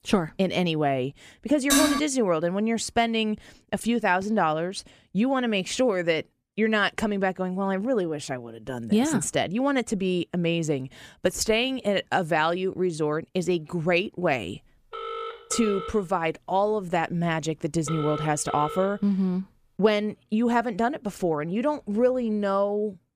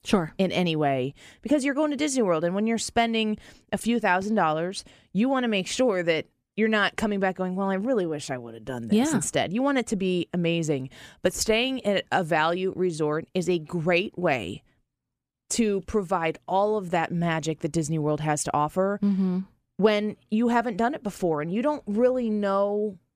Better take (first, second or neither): second